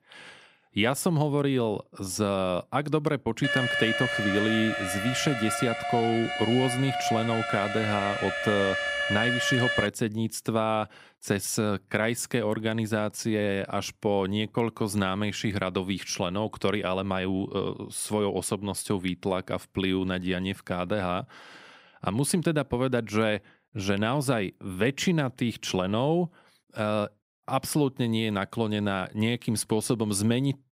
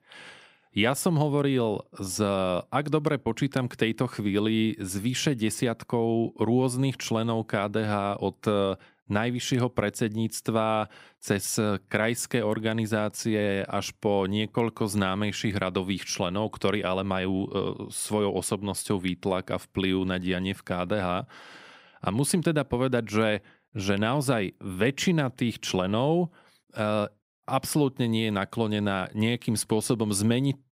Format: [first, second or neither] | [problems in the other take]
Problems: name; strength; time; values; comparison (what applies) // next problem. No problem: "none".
second | alarm; loud; from 3.5 to 10 s; peak 2 dB above the speech